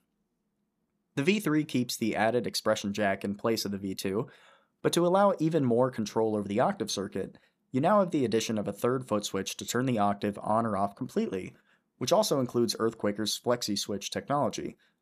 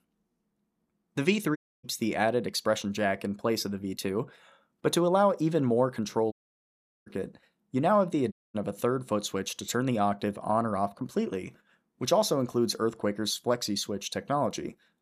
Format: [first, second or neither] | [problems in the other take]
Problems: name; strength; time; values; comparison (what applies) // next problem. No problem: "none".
first | audio cutting out; at 1.5 s, at 6.5 s for 0.5 s and at 8.5 s